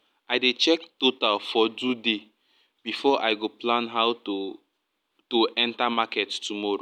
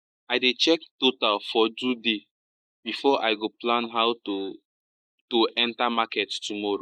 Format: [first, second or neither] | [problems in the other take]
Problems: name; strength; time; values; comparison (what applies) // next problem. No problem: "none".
first | noise reduction (neural mask model Resemble Enhance denoiser)